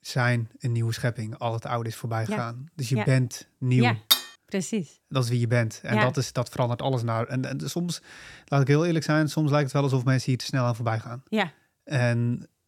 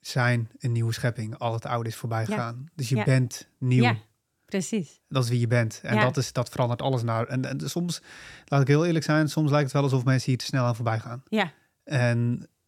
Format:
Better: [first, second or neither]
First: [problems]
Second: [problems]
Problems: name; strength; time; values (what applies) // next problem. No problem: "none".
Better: second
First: clattering dishes; loud; at 4 s; peak 4 dB above the speech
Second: none